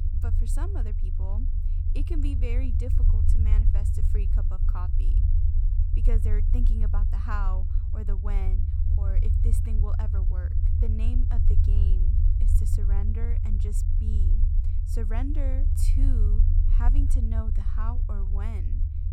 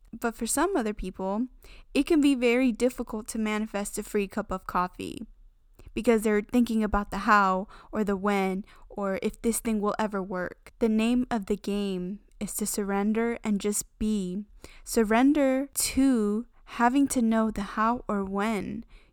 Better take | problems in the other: second | low rumble; loud; throughout; 2 dB below the speech

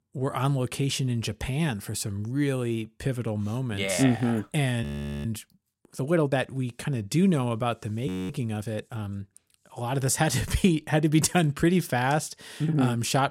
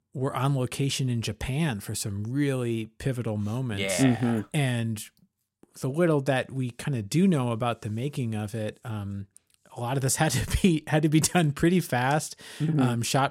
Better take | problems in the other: second | audio freezing; at 5 s and at 8 s

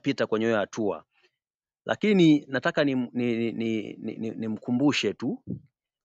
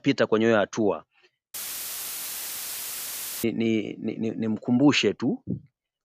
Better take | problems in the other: first | audio cutting out; filled with static; at 1.5 s for 2 s

